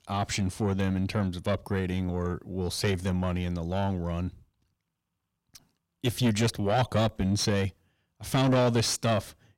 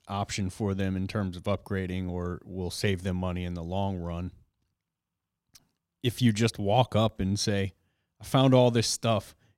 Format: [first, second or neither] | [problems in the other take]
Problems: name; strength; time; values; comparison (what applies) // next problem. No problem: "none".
second | distortion; heavy; 7 dB below the speech